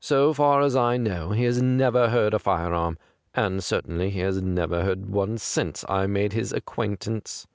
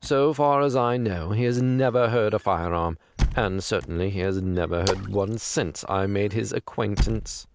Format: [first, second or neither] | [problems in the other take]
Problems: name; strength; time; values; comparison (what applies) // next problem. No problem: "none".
first | background sound (Splash, splatter + Squeak / Slam / Wood); 9 dB below the speech